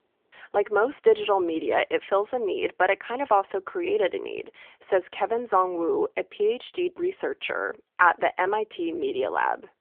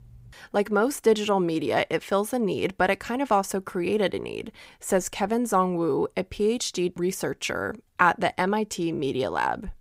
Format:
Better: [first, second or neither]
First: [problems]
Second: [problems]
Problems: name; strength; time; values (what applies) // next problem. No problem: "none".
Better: second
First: phone-call audio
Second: none